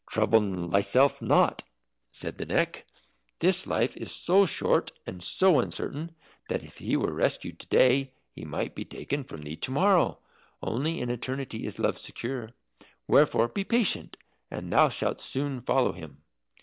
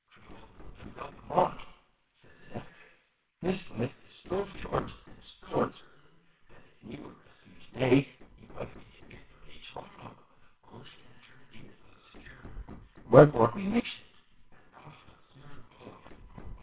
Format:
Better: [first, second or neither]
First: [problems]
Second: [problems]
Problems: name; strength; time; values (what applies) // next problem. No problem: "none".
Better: first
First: none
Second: noise reduction (neural separator model SepFormer WHAMR!)